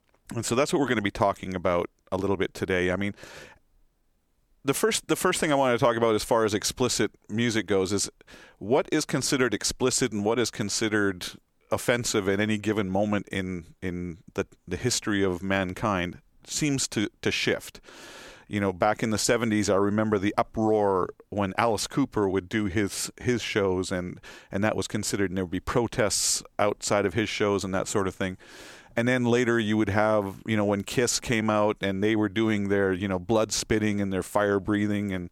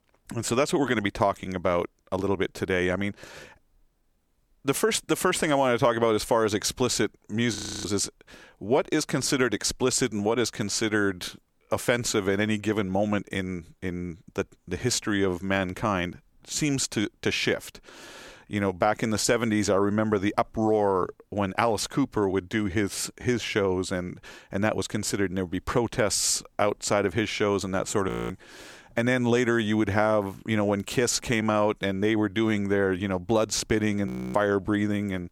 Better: first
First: none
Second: audio freezing; at 7.5 s, at 28 s and at 34 s

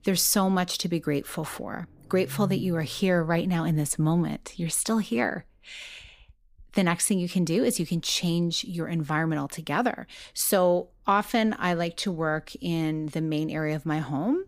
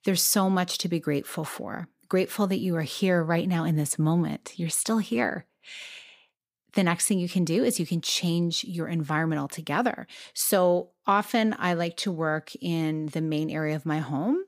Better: second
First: low rumble; faint; throughout; 25 dB below the speech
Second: none

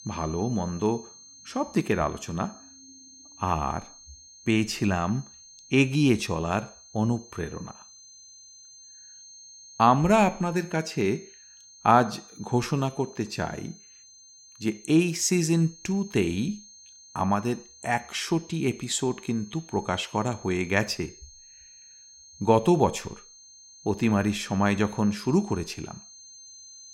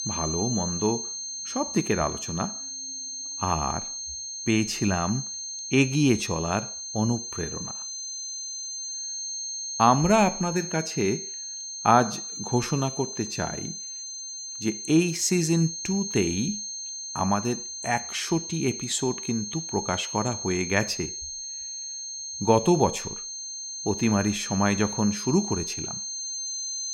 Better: first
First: high-pitched whine; faint; throughout; 6.5 kHz, 20 dB below the speech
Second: high-pitched whine; loud; throughout; 6.5 kHz, 6 dB below the speech

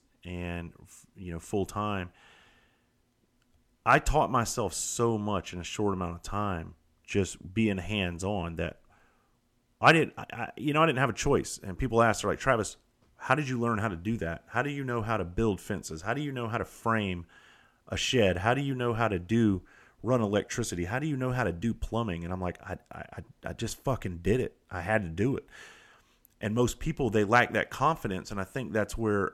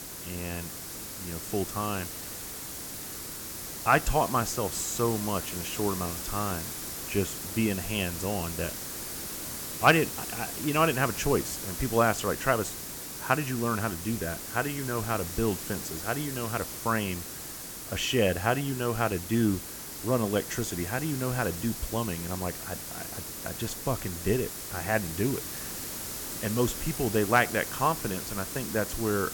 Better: first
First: none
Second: hiss; loud; throughout; 6 dB below the speech

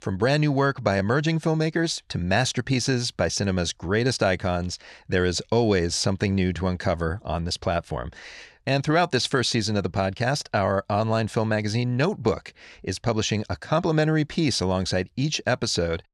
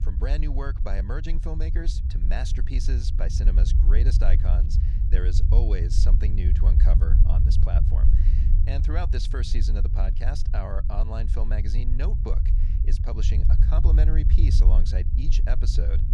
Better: first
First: none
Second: low rumble; loud; throughout; 4 dB below the speech

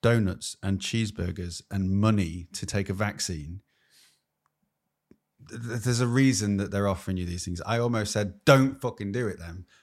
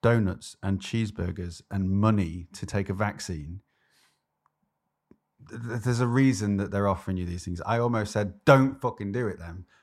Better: first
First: none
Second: muffled; slightly; fading above 2.5 kHz

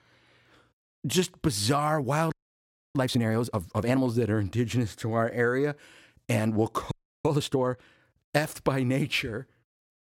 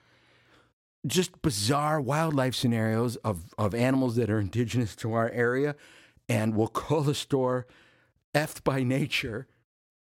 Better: second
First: audio freezing; at 2.5 s for 0.5 s and at 7 s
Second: none

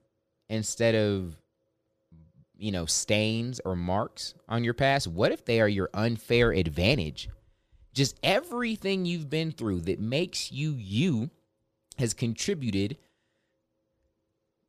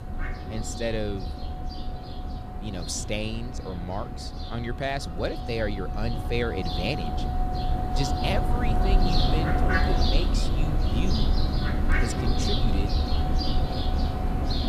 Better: first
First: none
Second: animal sounds; very loud; throughout; 4 dB above the speech

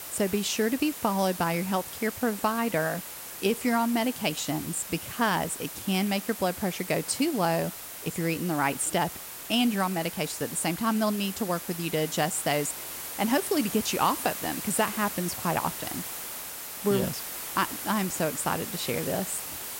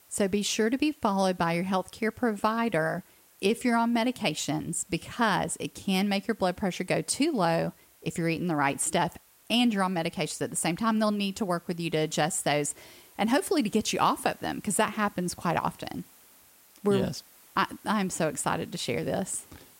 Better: second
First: hiss; loud; throughout; 7 dB below the speech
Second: hiss; faint; throughout; 25 dB below the speech

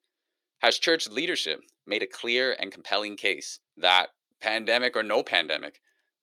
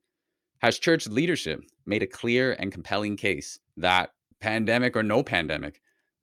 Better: second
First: thin; somewhat; fading below 500 Hz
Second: none

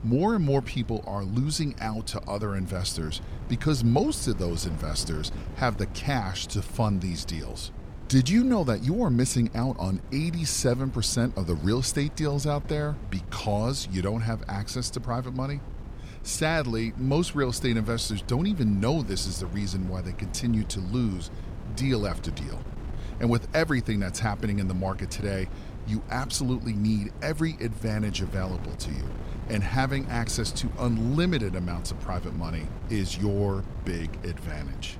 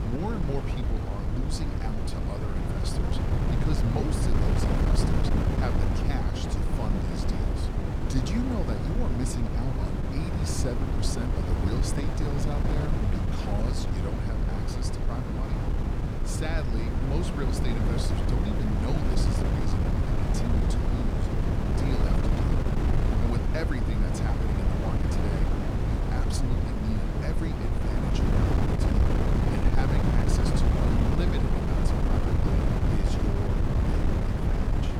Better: first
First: wind noise on the microphone; occasional gusts; 15 dB below the speech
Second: wind noise on the microphone; heavy; 5 dB above the speech

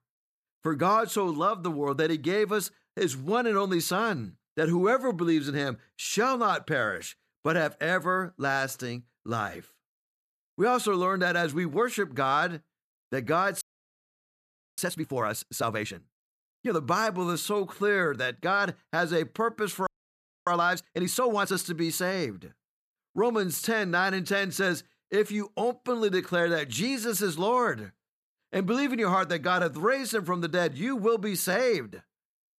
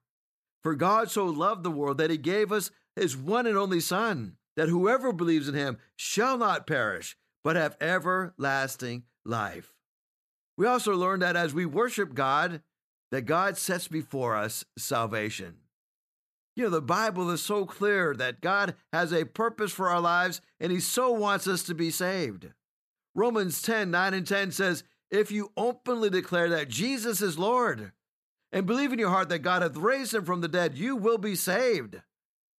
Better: second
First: audio freezing; at 14 s for 1 s and at 20 s for 0.5 s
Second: none

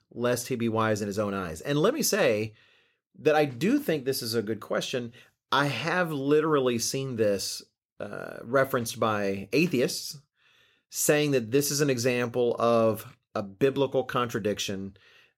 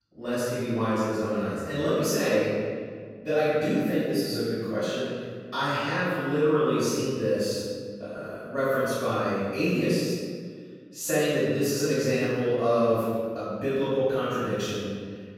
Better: first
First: none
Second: room echo; strong; dies away in 1.7 s // off-mic speech; far

